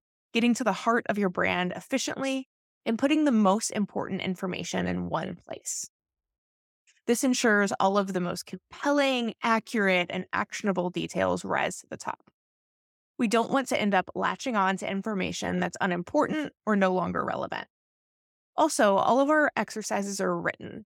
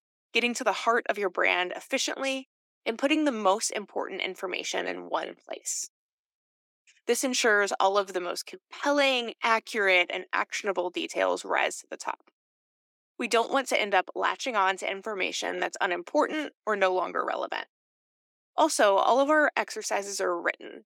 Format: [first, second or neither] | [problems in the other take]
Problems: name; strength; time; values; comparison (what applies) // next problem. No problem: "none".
first | thin; somewhat; fading below 300 Hz